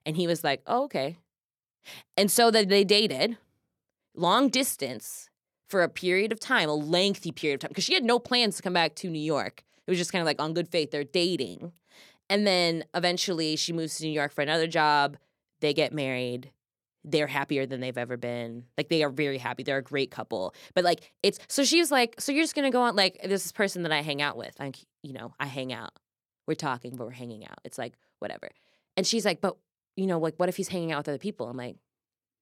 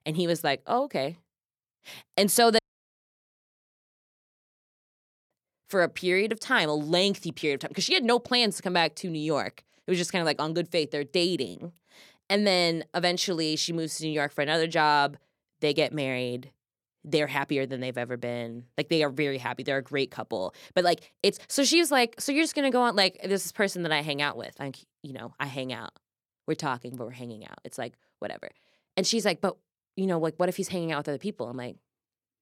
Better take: first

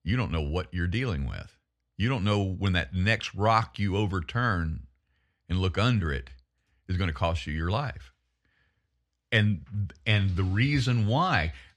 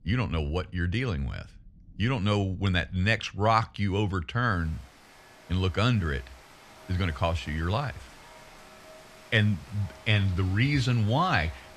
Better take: first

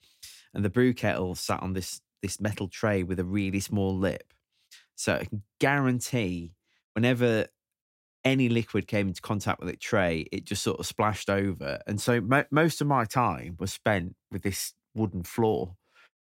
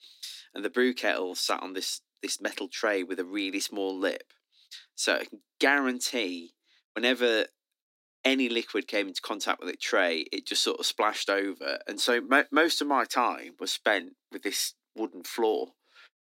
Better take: first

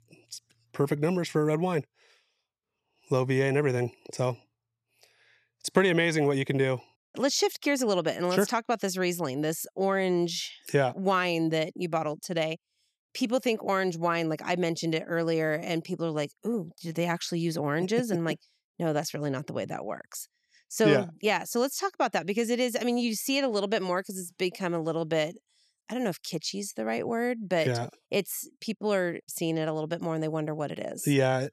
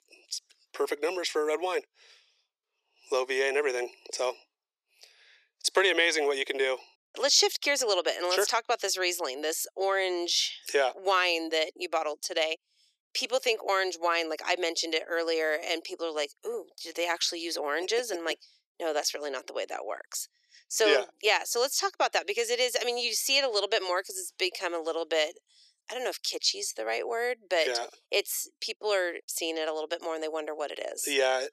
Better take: first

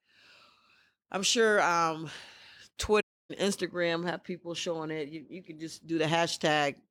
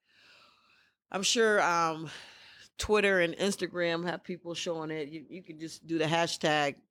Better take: second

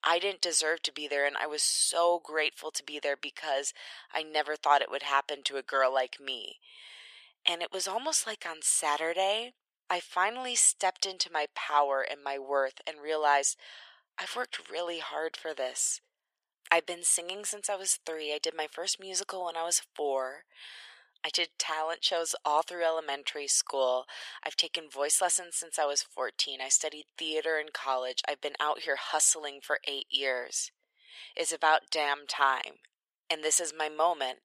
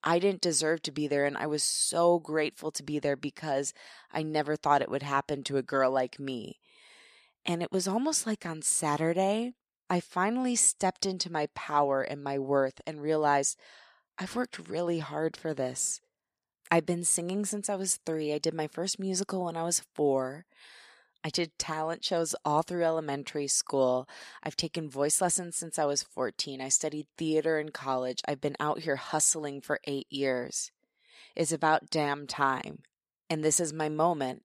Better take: second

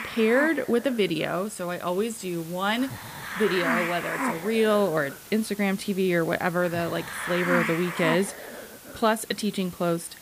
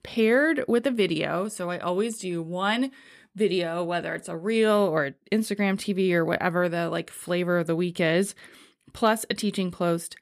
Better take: second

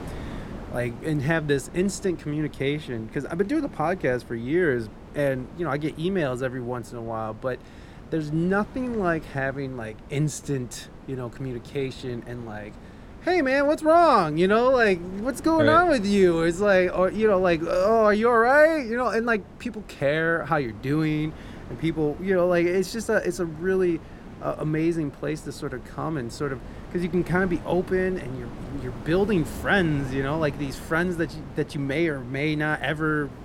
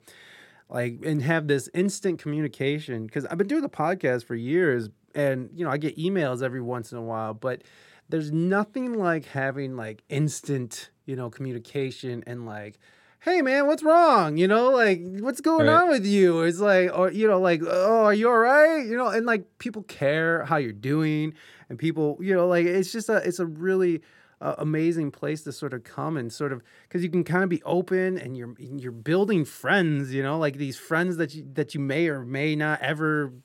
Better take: second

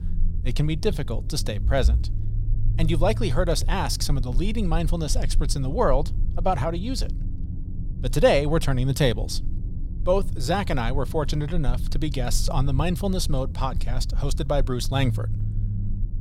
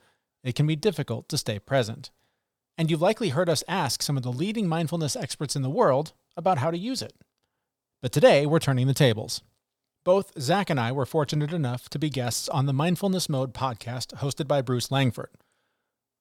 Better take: second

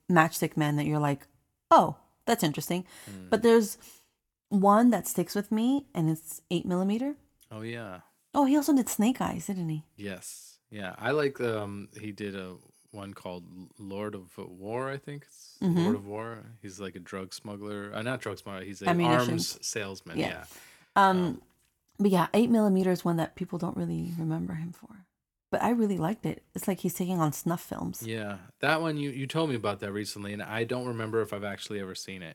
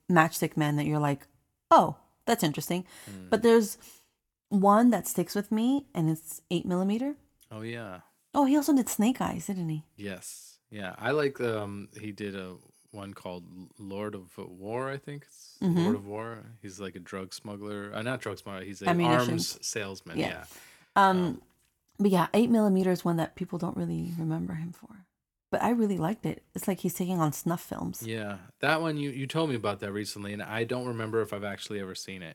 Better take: neither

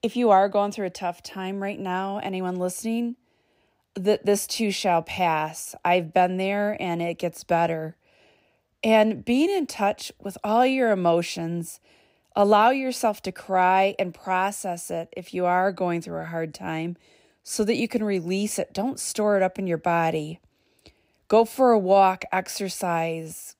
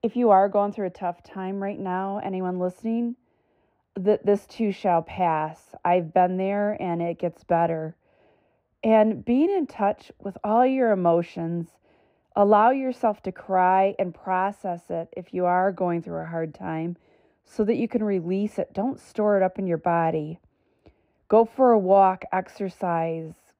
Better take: first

